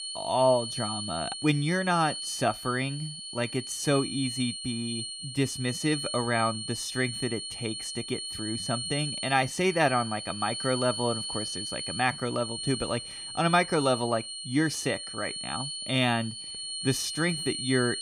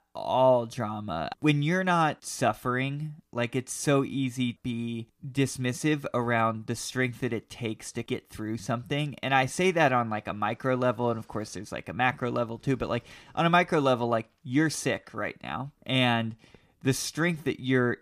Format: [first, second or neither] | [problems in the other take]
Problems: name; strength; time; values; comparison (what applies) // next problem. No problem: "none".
second | high-pitched whine; loud; throughout; 4.5 kHz, 5 dB below the speech